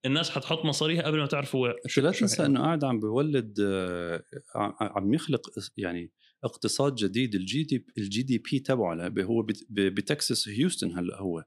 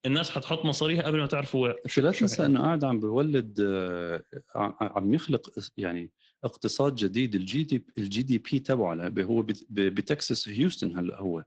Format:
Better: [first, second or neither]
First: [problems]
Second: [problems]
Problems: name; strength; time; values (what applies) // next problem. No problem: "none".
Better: first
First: none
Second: garbled, watery; slightly